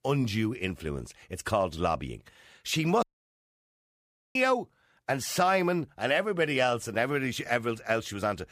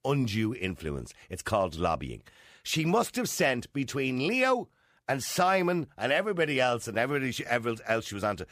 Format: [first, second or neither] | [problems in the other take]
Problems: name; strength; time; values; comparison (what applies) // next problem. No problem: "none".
second | audio cutting out; at 3 s for 1.5 s